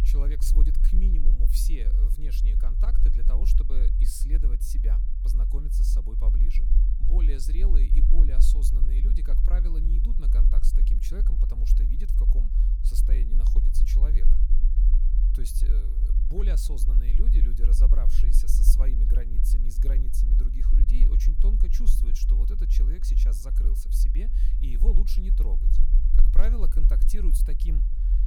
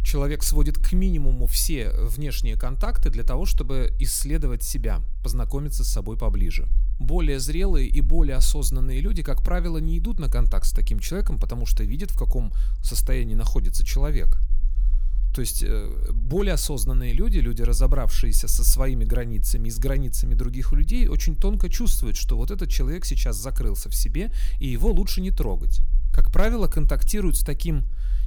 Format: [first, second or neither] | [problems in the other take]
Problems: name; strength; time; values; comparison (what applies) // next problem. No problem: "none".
second | low rumble; loud; throughout; 4 dB below the speech; faint in the second